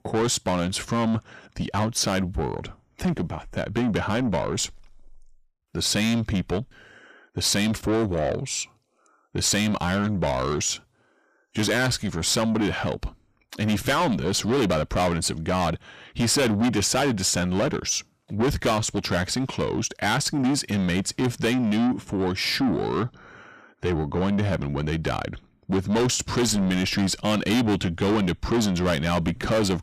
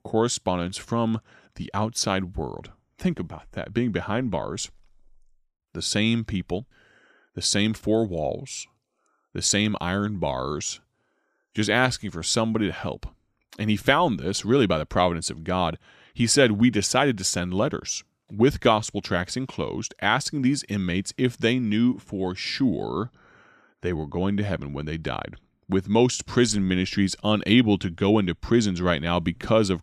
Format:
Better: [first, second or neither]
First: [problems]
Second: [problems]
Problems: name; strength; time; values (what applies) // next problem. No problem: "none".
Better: second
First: distortion; heavy; 6 dB below the speech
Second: none